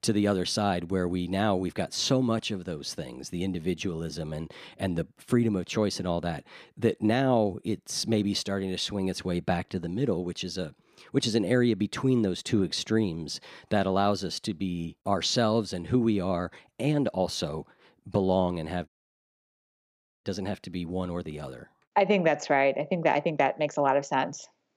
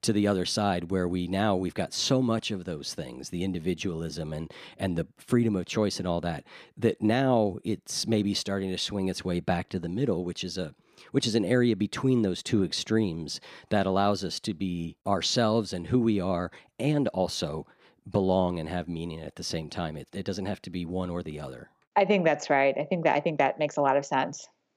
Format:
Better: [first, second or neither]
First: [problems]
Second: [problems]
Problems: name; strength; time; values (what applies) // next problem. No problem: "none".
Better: second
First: audio cutting out; at 19 s for 1.5 s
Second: none